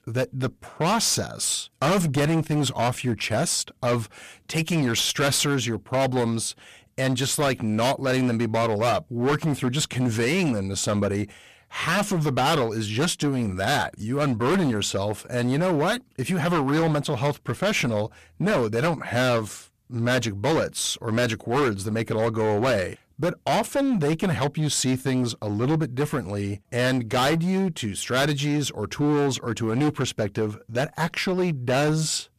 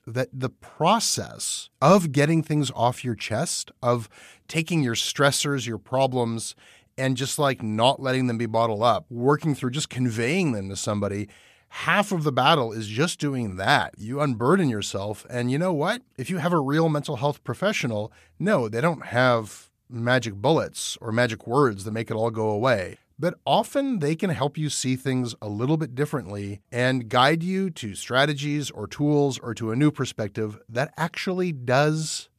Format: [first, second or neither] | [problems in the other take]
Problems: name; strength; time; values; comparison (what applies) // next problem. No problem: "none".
second | distortion; heavy; 16% of the sound clipped